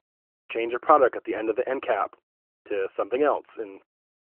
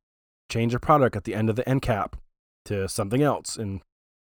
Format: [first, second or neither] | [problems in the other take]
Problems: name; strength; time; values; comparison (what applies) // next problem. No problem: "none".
second | phone-call audio